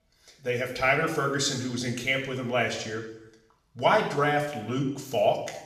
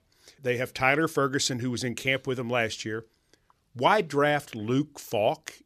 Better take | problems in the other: second | room echo; noticeable; dies away in 0.8 s // off-mic speech; somewhat distant

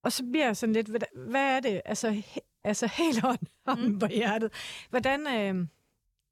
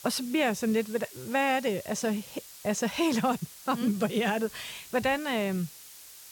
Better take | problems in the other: first | hiss; noticeable; throughout; 15 dB below the speech

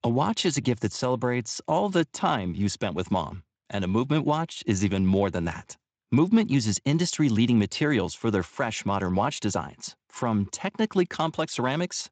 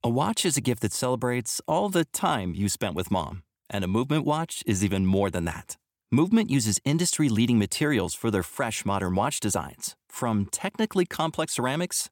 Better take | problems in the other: second | garbled, watery; slightly; nothing above 7.5 kHz

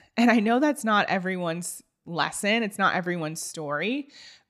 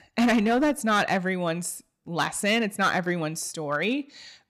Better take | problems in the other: first | distortion; slight; 6% of the sound clipped

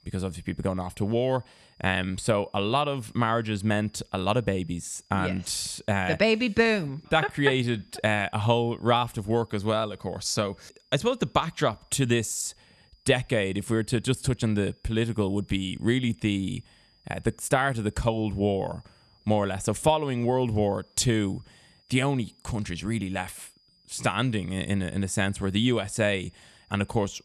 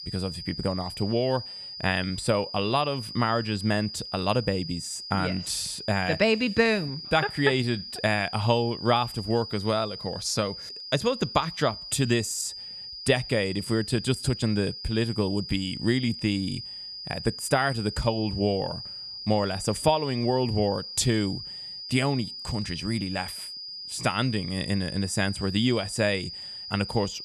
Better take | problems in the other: first | high-pitched whine; loud; throughout; 5 kHz, 9 dB below the speech; faint in the first

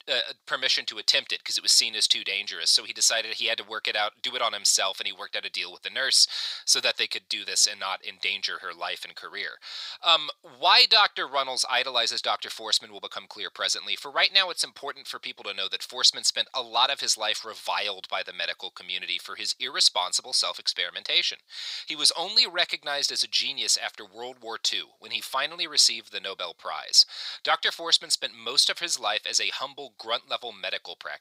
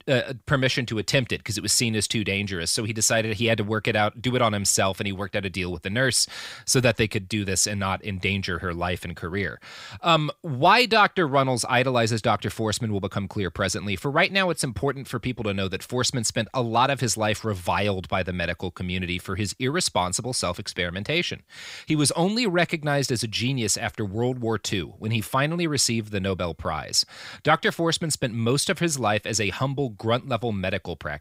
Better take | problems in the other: second | thin; very; fading below 800 Hz

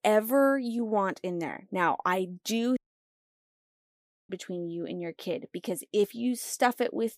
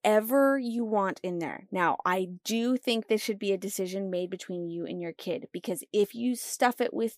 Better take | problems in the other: second | audio cutting out; at 3 s for 1.5 s

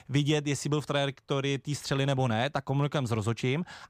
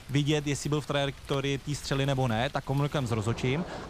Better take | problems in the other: first | rain or running water; noticeable; throughout; 15 dB below the speech

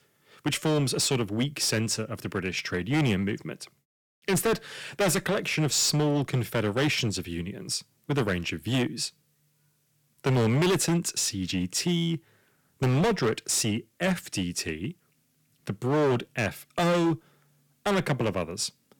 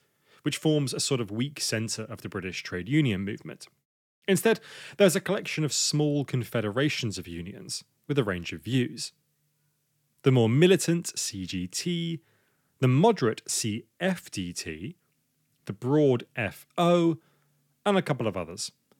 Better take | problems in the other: second | distortion; heavy; 11% of the sound clipped

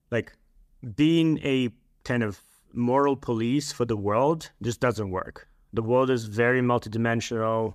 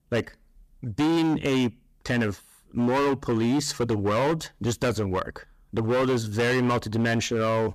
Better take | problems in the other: first | distortion; heavy; 18% of the sound clipped

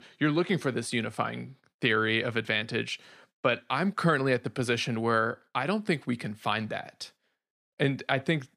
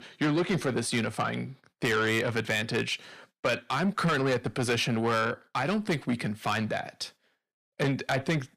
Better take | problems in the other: first | distortion; heavy; 8 dB below the speech

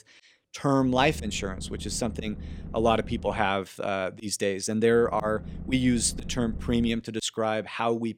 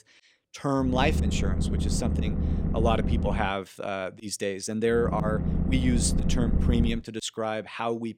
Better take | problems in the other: first | low rumble; loud; from 1 to 3.5 s and from 5 to 7 s; 7 dB below the speech; faint in the first

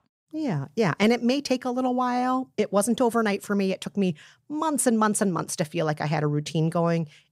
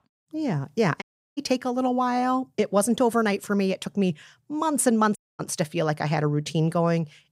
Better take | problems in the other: first | audio cutting out; at 1 s and at 5 s

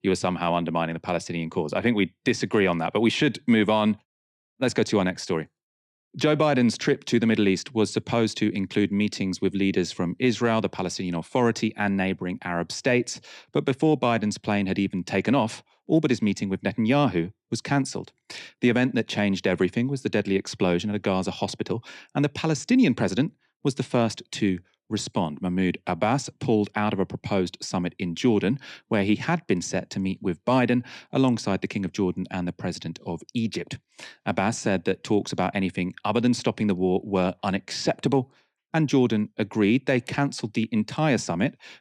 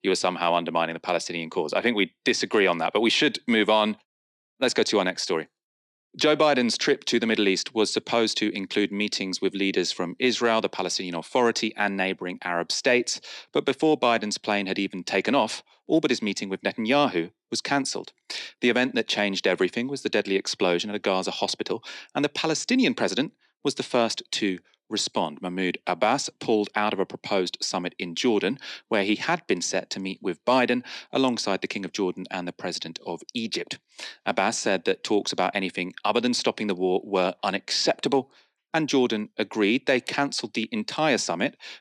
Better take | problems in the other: first | thin; very slightly; fading below 300 Hz

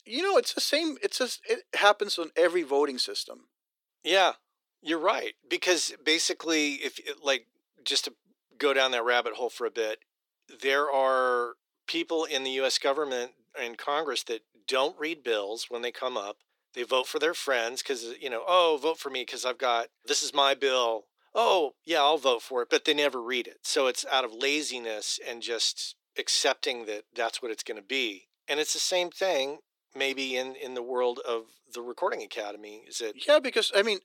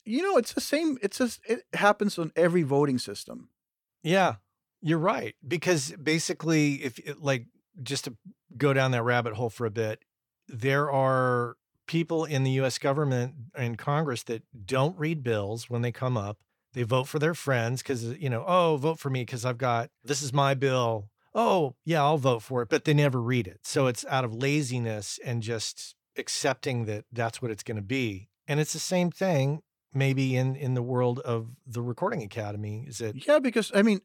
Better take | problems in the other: second | thin; very; fading below 350 Hz

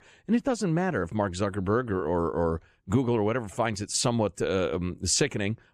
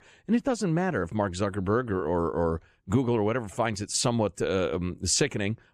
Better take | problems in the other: neither | none

